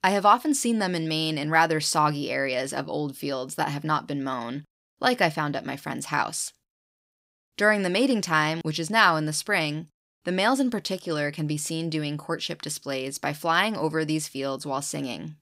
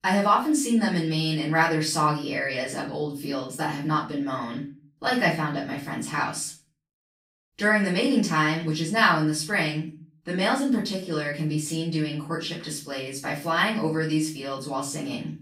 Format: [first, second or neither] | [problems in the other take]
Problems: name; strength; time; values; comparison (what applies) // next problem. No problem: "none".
first | off-mic speech; far // room echo; slight; dies away in 0.3 s